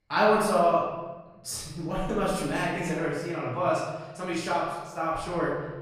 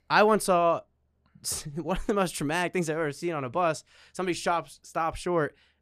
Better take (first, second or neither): second